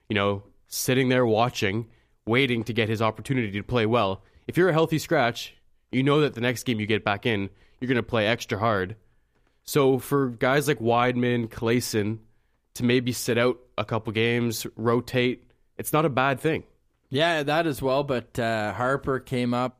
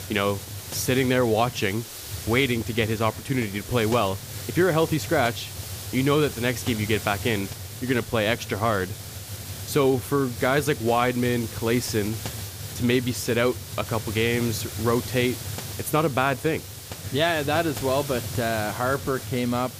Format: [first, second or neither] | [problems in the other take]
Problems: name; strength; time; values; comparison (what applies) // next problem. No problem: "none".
first | hiss; loud; throughout; 10 dB below the speech